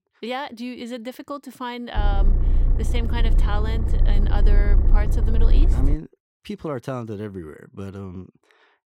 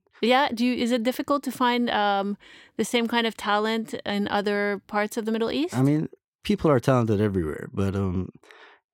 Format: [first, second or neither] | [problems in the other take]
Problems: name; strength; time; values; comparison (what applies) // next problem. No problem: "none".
second | low rumble; loud; from 2 to 6 s; 6 dB below the speech